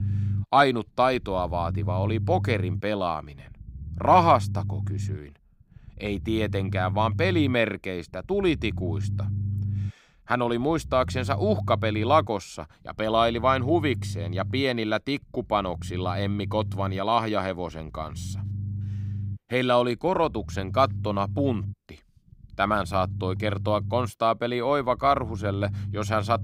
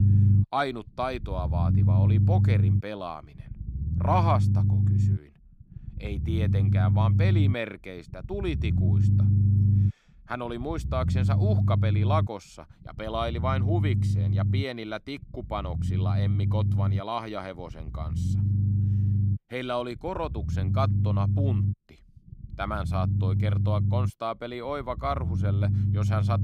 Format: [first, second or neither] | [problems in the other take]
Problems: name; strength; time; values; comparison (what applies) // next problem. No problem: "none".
first | low rumble; loud; throughout; 6 dB below the speech; faint in the first